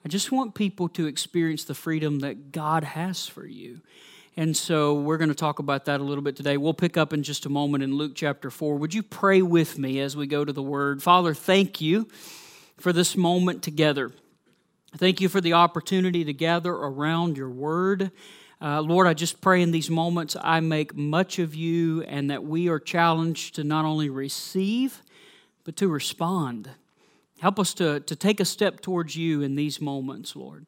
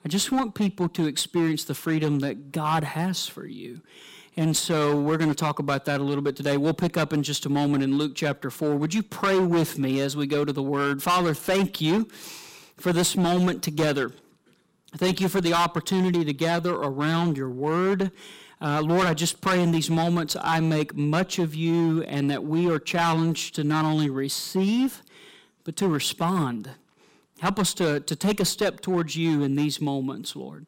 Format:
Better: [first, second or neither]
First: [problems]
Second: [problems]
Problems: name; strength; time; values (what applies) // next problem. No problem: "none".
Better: first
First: none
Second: distortion; heavy; 11% of the sound clipped